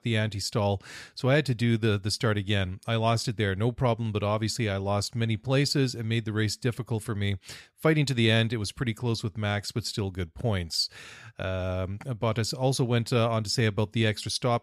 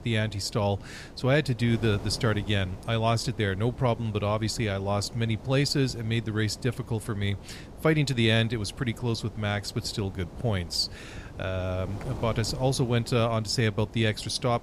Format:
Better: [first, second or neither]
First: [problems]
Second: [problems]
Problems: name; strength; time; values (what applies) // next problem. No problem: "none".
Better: first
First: none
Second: wind noise on the microphone; occasional gusts; 20 dB below the speech